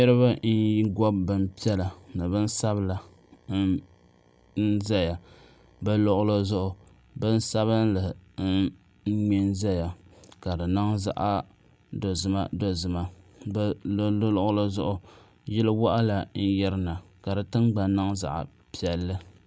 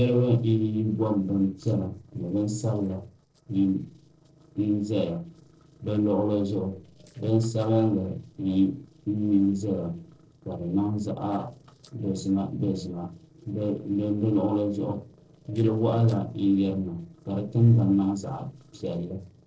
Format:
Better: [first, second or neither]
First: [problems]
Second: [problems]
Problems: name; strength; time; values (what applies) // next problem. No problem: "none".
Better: first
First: none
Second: noise reduction (neural separator model SepFormer DNS4)